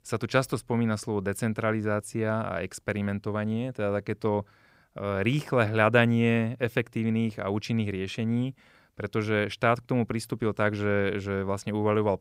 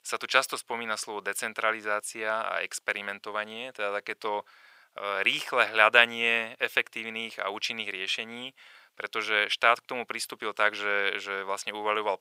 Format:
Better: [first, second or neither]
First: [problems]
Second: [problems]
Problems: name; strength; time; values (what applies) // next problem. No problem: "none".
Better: first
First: none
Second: thin; very; fading below 850 Hz